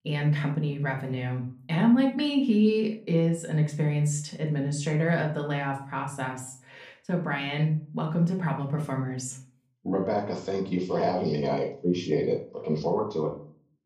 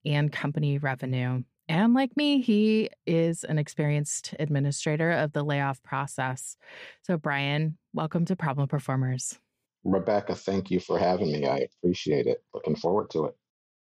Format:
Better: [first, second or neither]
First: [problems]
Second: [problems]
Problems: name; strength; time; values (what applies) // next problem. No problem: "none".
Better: second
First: room echo; slight; dies away in 0.4 s // off-mic speech; somewhat distant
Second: none